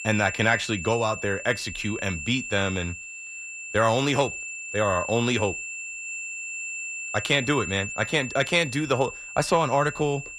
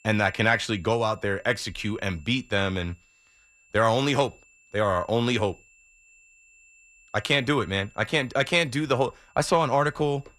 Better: second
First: high-pitched whine; loud; throughout; 2.5 kHz, 8 dB below the speech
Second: high-pitched whine; faint; throughout; 2.5 kHz, 30 dB below the speech

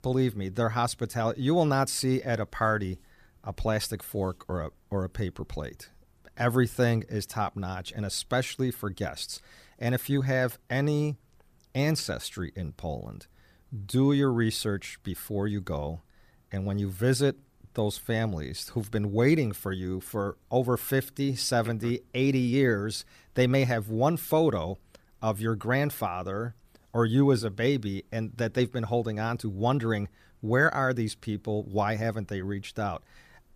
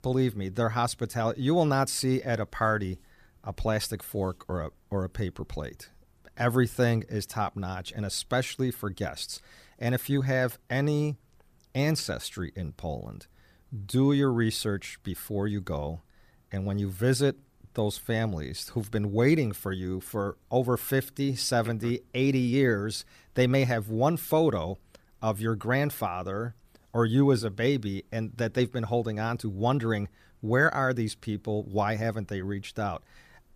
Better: neither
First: none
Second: none

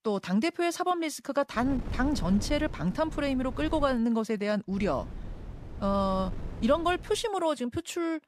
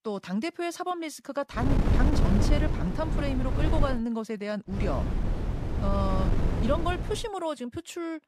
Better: first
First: wind noise on the microphone; occasional gusts; from 1.5 to 4 s and from 5 to 7 s; 20 dB below the speech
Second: wind noise on the microphone; heavy; from 1.5 to 4 s and from 5 to 7 s; 4 dB below the speech

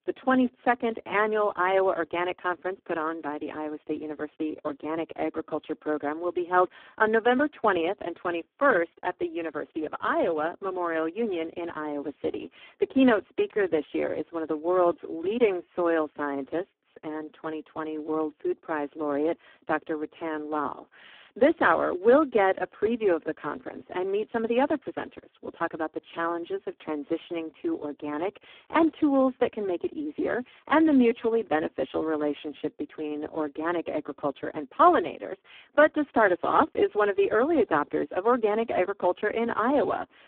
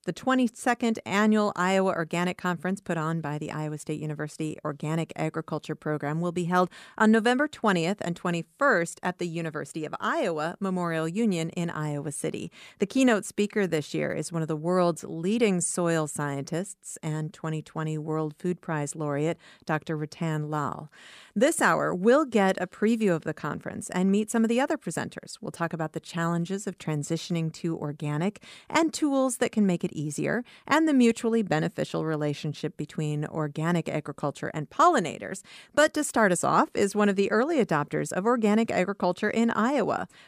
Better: second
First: phone-call audio; poor line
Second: none

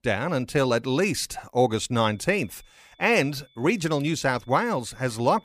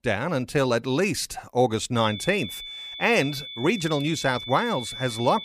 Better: first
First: high-pitched whine; faint; from 2 s on; 3.5 kHz, 35 dB below the speech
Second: high-pitched whine; loud; from 2 s on; 3.5 kHz, 10 dB below the speech

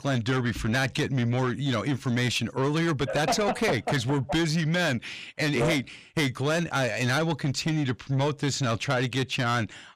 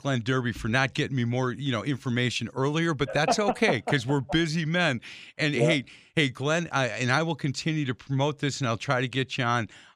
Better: second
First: distortion; heavy; 8 dB below the speech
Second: none

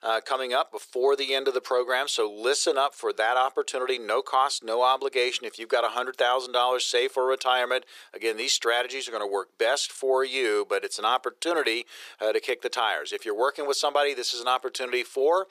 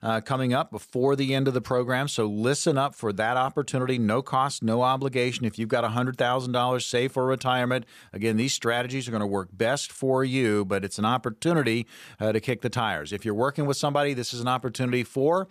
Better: second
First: thin; very; fading below 400 Hz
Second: none

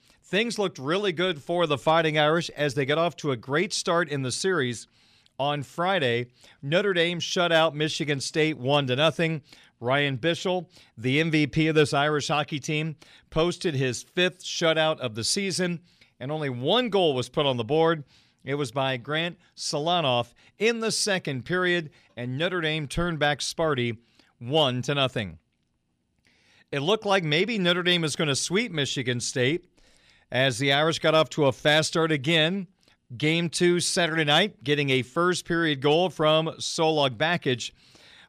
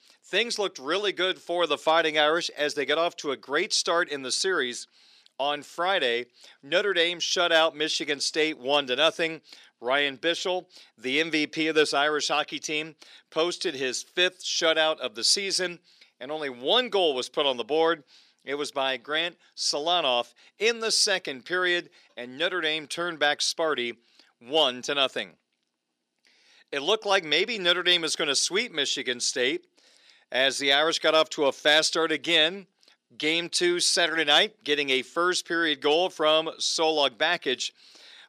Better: first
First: none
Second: thin; somewhat; fading below 300 Hz

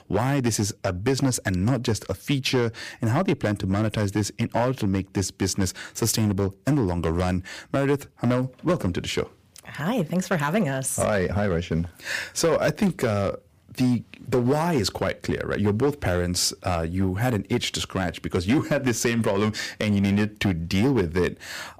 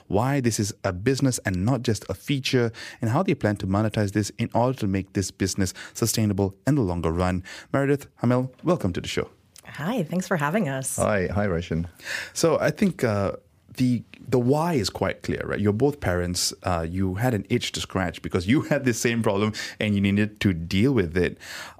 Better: second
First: distortion; slight; 5% of the sound clipped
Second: none

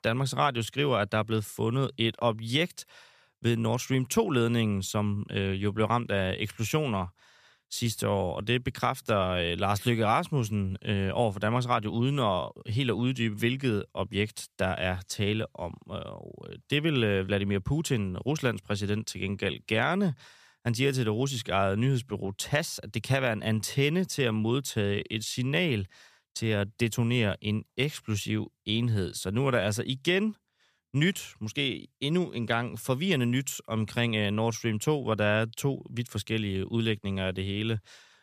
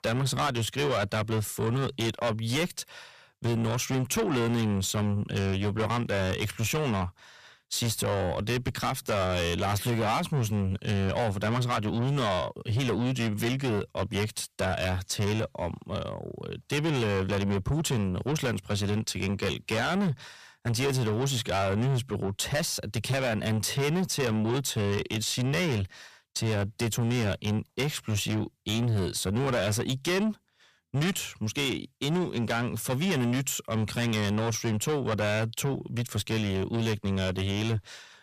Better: first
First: none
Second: distortion; heavy; 6 dB below the speech

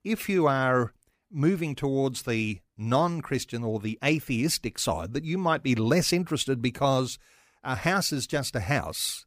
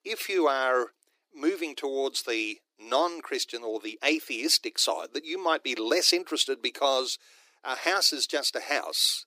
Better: first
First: none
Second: thin; very; fading below 300 Hz

